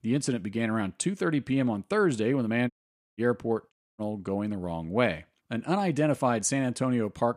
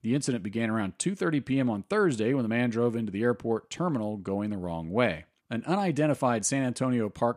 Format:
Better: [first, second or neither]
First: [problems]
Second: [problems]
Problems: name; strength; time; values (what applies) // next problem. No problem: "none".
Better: second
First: audio cutting out; at 2.5 s and at 3.5 s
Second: none